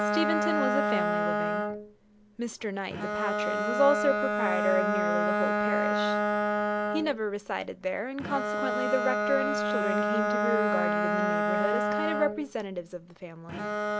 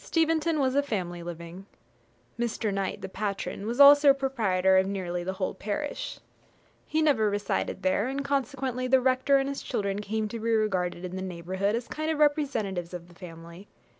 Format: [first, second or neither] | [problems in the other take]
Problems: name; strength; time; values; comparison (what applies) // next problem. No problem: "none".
second | background sound (Bowed string instrument); 3 dB above the speech